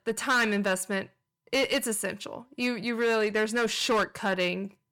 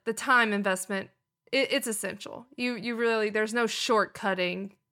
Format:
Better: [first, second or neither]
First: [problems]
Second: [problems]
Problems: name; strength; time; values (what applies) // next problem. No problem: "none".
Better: second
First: distortion; slight; 7% of the sound clipped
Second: none